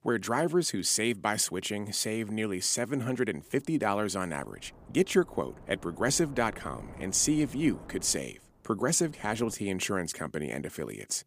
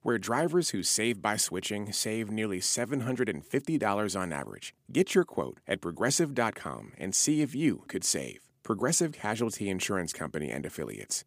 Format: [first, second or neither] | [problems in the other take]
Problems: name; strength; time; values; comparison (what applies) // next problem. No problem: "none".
second | wind noise on the microphone; occasional gusts; from 3.5 to 9.5 s; 20 dB below the speech